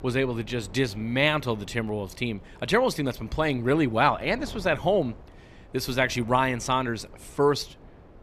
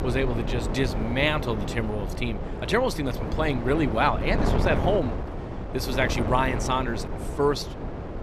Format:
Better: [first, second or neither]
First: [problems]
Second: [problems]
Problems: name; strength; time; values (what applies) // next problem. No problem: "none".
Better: first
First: wind noise on the microphone; occasional gusts; 25 dB below the speech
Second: wind noise on the microphone; heavy; 7 dB below the speech